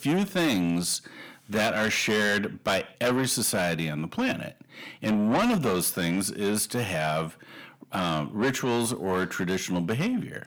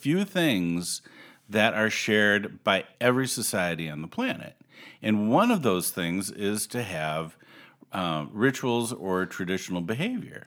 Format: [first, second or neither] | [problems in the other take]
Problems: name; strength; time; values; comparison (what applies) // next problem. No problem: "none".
second | distortion; heavy; 7 dB below the speech